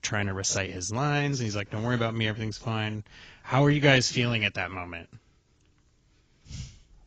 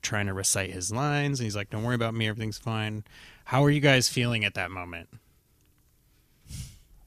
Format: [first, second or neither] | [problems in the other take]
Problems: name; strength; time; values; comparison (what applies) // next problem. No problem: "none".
second | garbled, watery; badly; nothing above 7.5 kHz